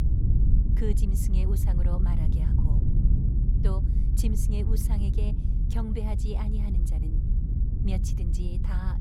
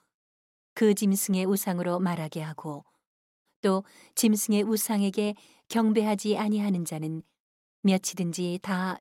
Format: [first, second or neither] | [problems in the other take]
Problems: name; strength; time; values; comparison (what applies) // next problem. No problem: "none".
second | low rumble; loud; throughout; 1 dB below the speech